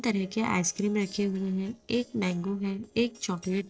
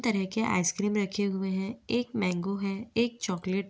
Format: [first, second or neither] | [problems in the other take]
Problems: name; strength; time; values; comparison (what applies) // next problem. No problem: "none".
second | noise reduction (neural separator model SepFormer DNS4)